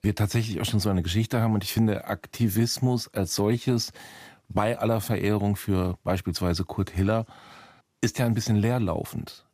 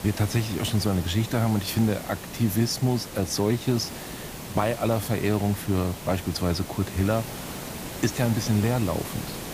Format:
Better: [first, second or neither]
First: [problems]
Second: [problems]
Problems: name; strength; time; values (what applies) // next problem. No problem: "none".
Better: first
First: none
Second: hiss; noticeable; throughout; 10 dB below the speech